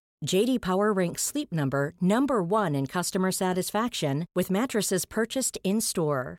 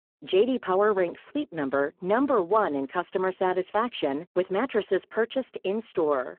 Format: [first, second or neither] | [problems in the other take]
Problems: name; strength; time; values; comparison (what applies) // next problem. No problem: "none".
first | phone-call audio; poor line